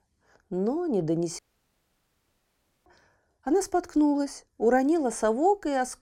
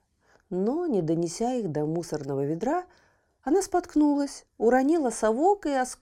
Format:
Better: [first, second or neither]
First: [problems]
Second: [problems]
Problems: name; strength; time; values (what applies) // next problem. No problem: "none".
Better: second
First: audio cutting out; at 1.5 s for 1.5 s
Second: none